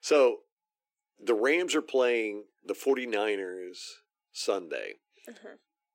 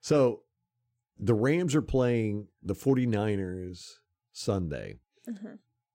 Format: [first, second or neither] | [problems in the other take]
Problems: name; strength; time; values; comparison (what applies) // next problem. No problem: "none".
second | thin; very; fading below 350 Hz